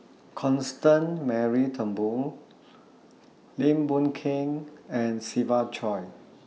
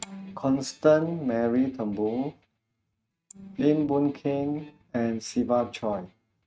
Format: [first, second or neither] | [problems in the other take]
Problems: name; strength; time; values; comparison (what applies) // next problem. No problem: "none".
first | noise reduction (neural mask model RNNoise)